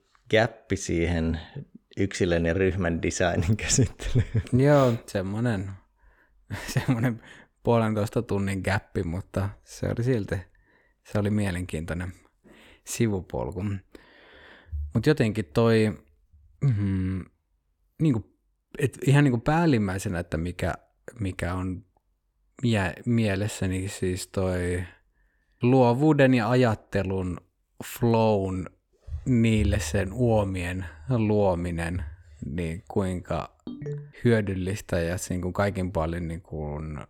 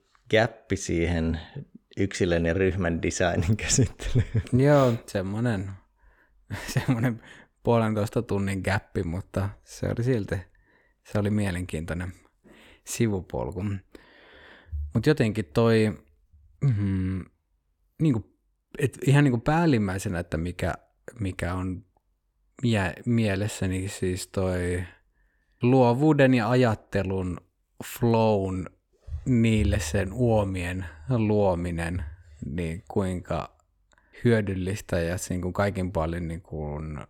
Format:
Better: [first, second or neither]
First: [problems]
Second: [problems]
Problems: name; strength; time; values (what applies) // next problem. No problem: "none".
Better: second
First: phone ringing; noticeable; at 34 s; peak 10 dB below the speech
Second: none